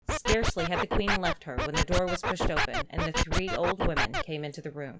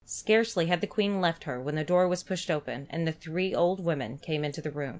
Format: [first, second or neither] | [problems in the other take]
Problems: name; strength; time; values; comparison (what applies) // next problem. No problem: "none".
second | background sound (Scratching (performance technique)); 4 dB above the speech